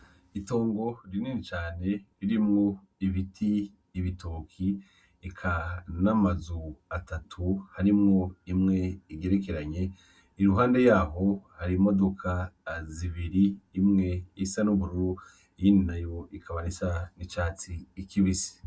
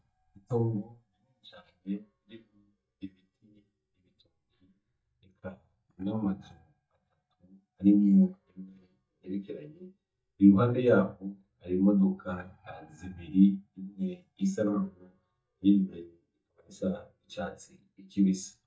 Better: first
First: none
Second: noise reduction (neural mask model DeepFilterNet 3)

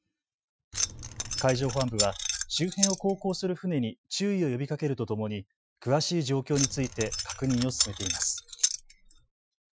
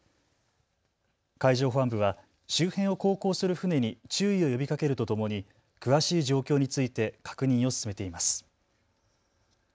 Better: second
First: noise reduction (classical method Wiener filter)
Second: none

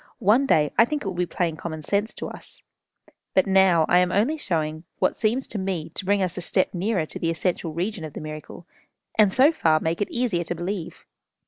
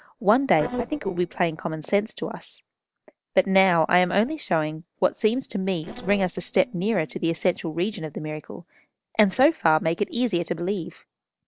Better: first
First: none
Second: noise reduction (neural separator model SepFormer DNS4)

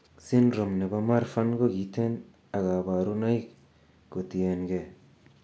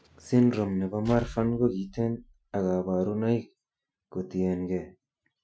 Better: first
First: none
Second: noise reduction (classical method Wiener filter)

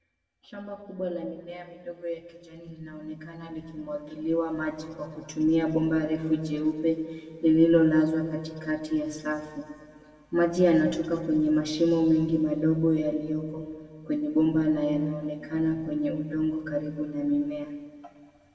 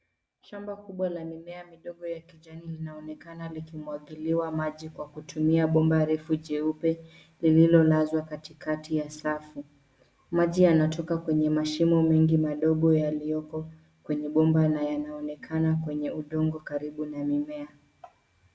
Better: second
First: room echo; dies away in 1.7 s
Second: none

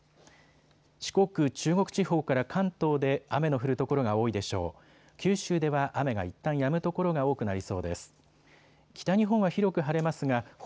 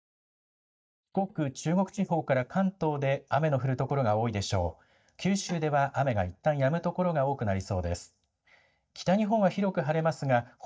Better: first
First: none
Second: noise reduction (neural mask model DeepFilterNet 3)

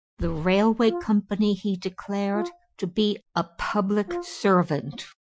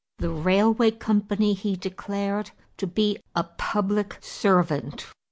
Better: second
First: noise reduction (classical method Wiener filter)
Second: none

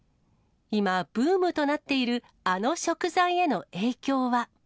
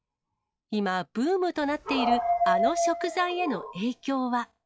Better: first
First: none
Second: noise reduction (classical method log-MMSE)

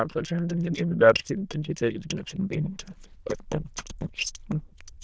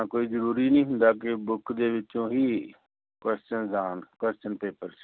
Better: second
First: noise reduction (neural diffusion model UNIVERSE++)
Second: none

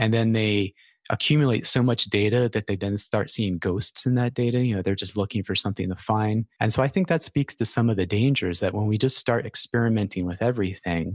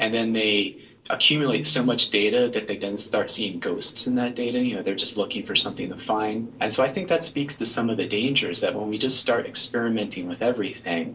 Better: first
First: none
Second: noise reduction (neural separator model SepFormer DNS4)

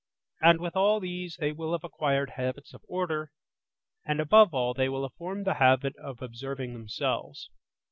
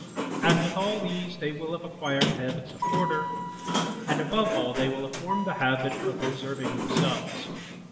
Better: first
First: none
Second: background sound (Sliding door); as loud as the speech // room echo; dies away in 3 s

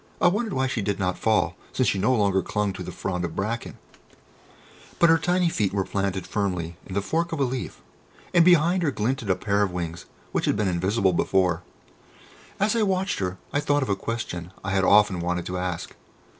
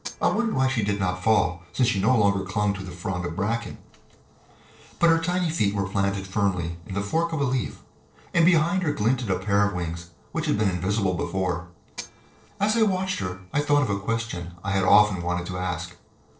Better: first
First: none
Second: noise reduction (neural separator model SepFormer DNS4)

